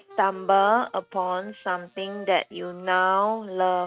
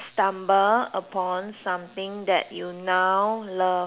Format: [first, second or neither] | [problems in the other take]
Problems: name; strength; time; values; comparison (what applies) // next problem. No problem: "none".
second | noise reduction (neural mask model RNNoise)